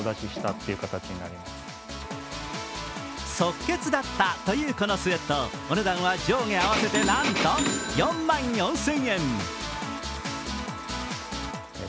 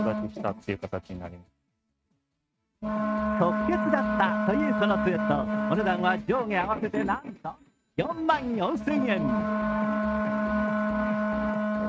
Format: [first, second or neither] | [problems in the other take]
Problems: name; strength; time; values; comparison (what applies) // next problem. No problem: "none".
first | noise reduction (neural mask model RNNoise)